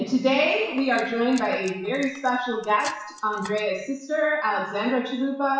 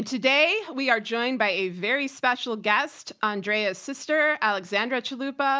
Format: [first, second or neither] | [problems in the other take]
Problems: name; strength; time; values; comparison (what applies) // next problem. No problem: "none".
second | noise reduction (classical method WPE with log-MMSE)